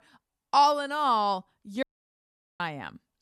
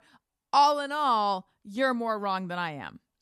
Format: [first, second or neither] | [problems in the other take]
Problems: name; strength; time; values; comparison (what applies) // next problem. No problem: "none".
second | audio cutting out; at 2 s for 1 s